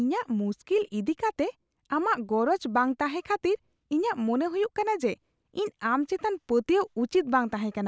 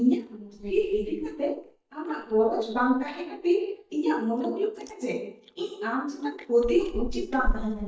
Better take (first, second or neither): first